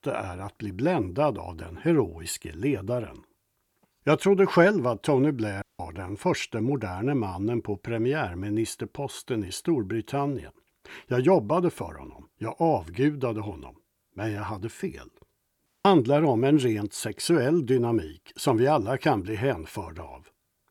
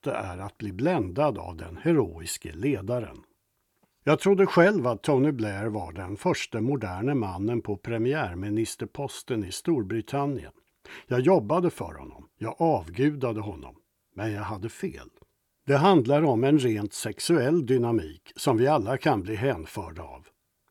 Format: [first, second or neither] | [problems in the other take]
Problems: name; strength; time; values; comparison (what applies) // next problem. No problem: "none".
second | audio cutting out; at 5.5 s and at 16 s